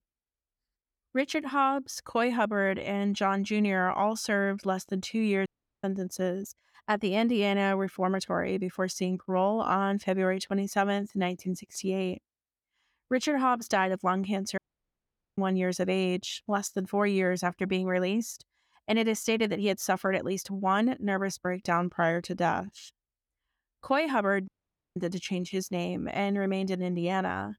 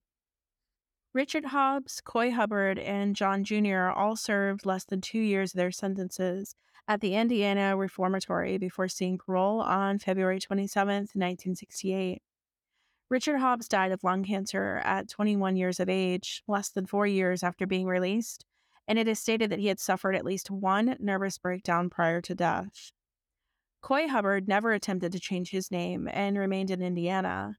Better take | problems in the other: second | audio cutting out; at 5.5 s, at 15 s for 1 s and at 24 s

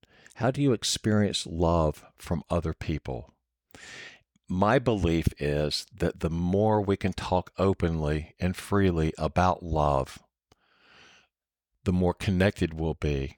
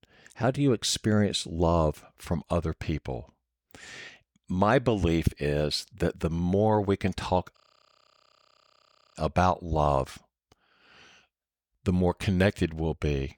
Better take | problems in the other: first | audio freezing; at 7.5 s for 1.5 s

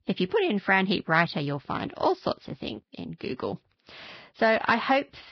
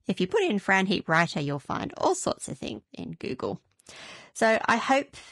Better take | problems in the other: second | garbled, watery; badly; nothing above 5 kHz; slightly in the second

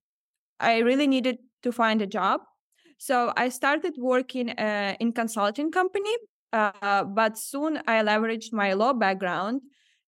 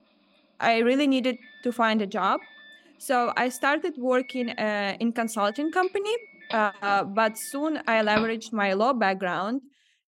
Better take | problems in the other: first | doorbell; noticeable; from 4.5 to 8.5 s; peak 8 dB below the speech

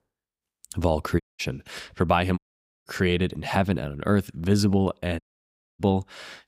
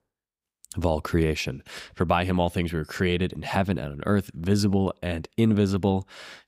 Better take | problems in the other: second | audio cutting out; at 1 s, at 2.5 s and at 5 s for 0.5 s

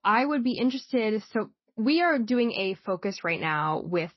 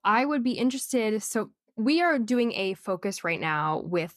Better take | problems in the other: second | garbled, watery; slightly; nothing above 5.5 kHz

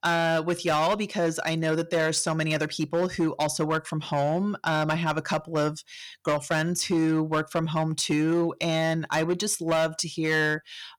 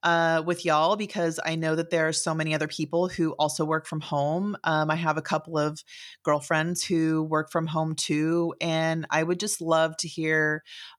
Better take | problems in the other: second | distortion; slight; 8% of the sound clipped

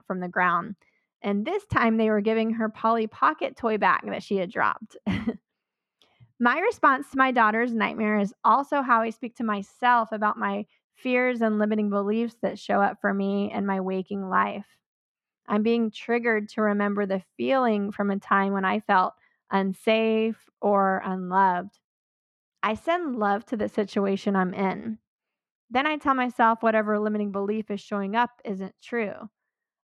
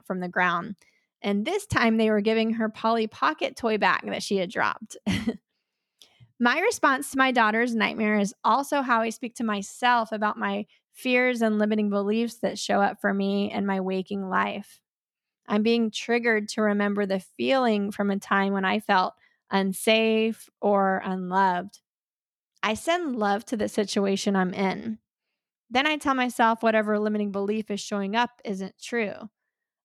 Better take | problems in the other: second | muffled; slightly; fading above 3.5 kHz

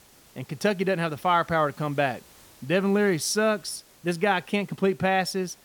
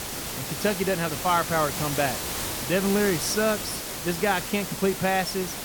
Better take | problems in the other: first | hiss; loud; throughout; 4 dB below the speech; faint in the first

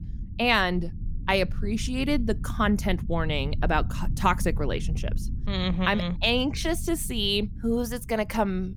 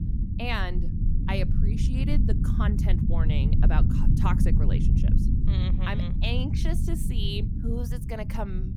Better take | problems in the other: first | low rumble; loud; throughout; 4 dB below the speech; faint in the first

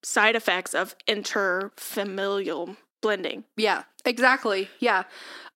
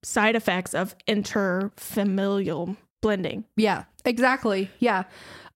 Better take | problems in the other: second | thin; somewhat; fading below 300 Hz

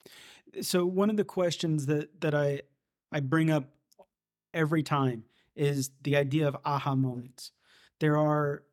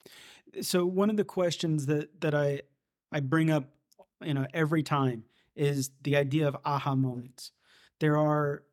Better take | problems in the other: second | audio freezing; at 4 s

